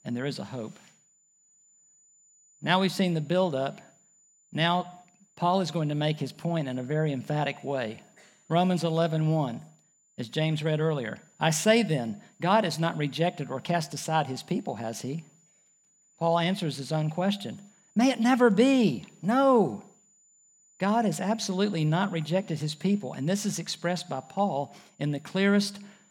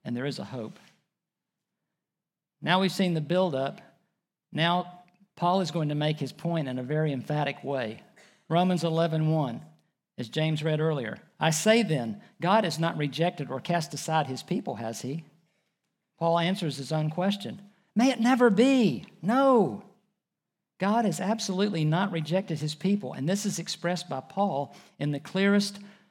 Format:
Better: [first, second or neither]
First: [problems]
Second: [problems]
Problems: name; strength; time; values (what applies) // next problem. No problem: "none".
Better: second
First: high-pitched whine; faint; throughout; 7 kHz, 35 dB below the speech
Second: none